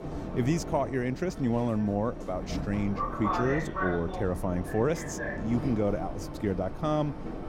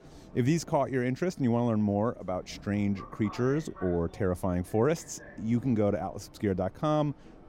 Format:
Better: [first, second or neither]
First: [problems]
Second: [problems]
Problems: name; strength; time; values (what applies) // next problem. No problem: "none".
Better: second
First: train or aircraft noise; loud; throughout; 6 dB below the speech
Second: train or aircraft noise; faint; throughout; 20 dB below the speech